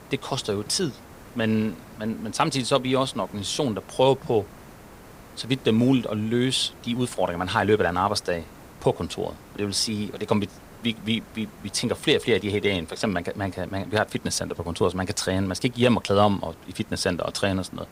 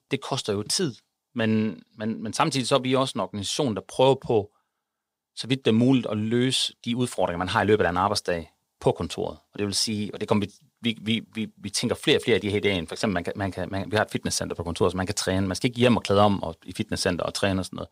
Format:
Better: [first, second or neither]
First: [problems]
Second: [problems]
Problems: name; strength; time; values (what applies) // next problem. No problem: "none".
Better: second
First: hiss; faint; throughout; 20 dB below the speech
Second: none